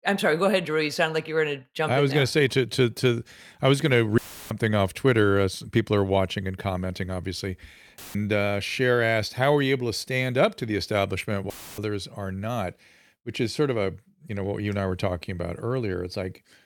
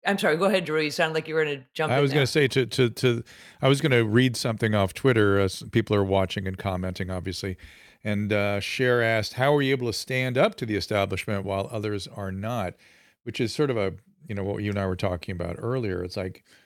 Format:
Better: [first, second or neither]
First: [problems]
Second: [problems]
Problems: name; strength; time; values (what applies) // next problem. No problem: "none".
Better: second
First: audio cutting out; filled with static; at 4 s, at 8 s and at 12 s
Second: none